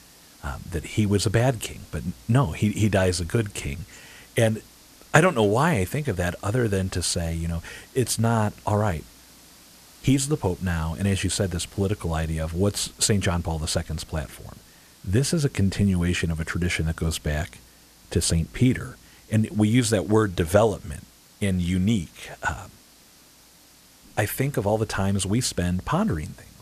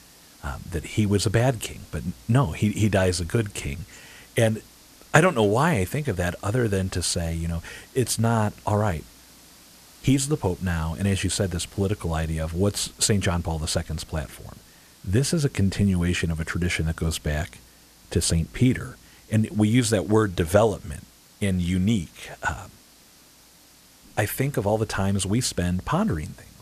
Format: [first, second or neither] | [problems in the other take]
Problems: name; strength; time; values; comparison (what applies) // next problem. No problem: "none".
neither | hiss; faint; throughout; 25 dB below the speech; the same in both